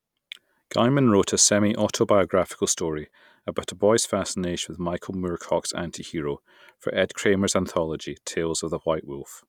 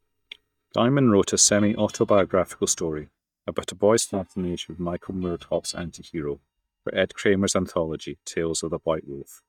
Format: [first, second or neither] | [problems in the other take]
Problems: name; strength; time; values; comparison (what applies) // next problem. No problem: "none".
first | noise reduction (neural mask model DeepFilterNet 3)